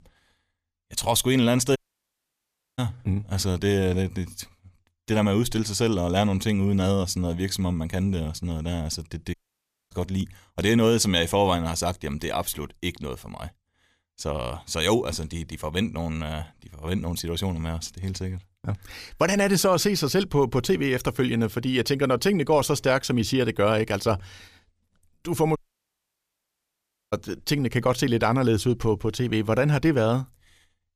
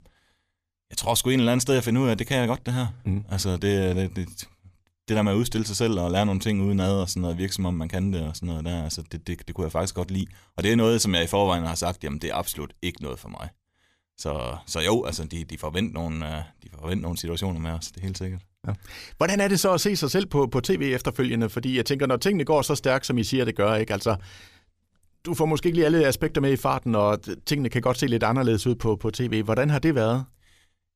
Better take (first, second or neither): second